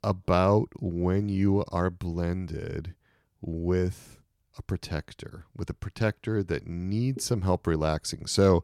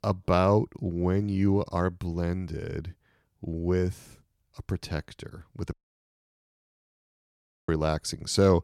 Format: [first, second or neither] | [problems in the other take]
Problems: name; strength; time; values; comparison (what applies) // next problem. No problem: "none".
first | audio cutting out; at 5.5 s for 2 s